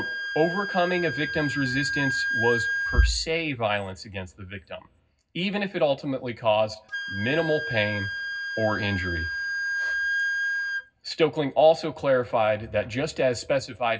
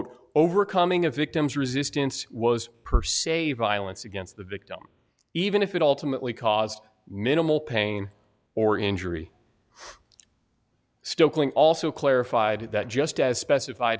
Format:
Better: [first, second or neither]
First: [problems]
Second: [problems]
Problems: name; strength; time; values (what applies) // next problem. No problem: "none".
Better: second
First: background sound (Wind instrument, woodwind instrument); 5 dB below the speech // room echo; dies away in 0.4 s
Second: none